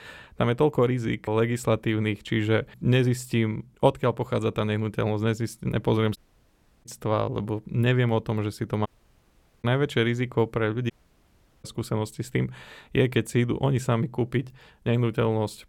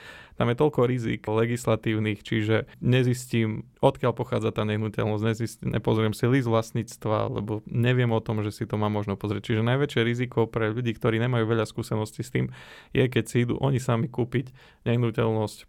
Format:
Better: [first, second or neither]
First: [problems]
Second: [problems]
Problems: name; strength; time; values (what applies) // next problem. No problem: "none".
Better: second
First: audio cutting out; at 6 s for 0.5 s, at 9 s for 1 s and at 11 s for 0.5 s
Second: none